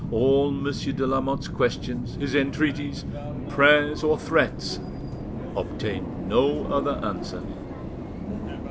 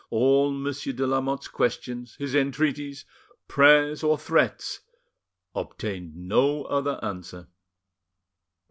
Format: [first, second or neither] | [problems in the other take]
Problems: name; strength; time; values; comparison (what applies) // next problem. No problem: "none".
second | background sound (Subway, metro, underground); 6 dB below the speech